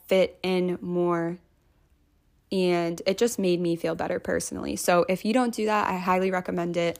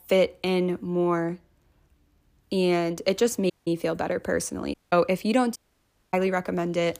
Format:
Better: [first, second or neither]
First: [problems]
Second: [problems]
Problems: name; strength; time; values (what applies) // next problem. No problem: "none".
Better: first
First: none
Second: audio cutting out; at 3.5 s, at 4.5 s and at 5.5 s for 0.5 s